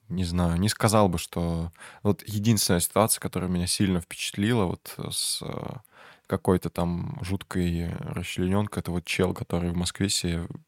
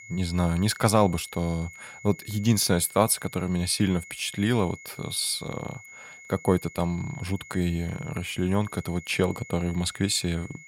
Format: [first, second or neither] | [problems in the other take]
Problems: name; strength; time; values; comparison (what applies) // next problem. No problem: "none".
first | high-pitched whine; noticeable; throughout; 2 kHz, 20 dB below the speech